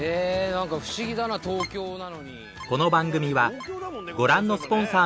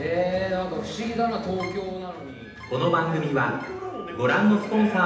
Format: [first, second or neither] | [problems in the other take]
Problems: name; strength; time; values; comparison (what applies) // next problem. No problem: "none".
first | room echo; dies away in 0.8 s